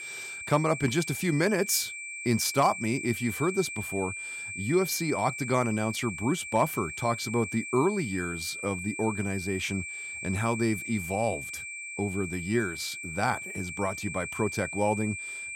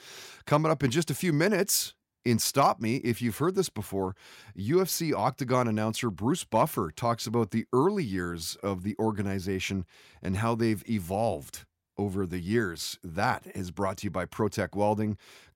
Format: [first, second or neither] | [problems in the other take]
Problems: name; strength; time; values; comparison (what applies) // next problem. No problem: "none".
second | high-pitched whine; loud; throughout; 2.5 kHz, 7 dB below the speech